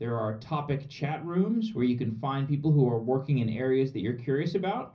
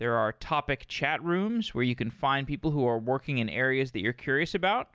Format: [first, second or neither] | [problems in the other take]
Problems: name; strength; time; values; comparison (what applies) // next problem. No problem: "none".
second | room echo; dies away in 0.5 s